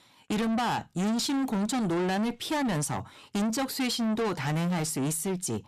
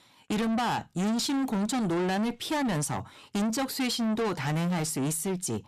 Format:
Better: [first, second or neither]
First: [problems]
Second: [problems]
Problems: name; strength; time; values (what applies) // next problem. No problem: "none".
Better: neither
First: distortion; heavy; 7 dB below the speech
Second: distortion; heavy; 7 dB below the speech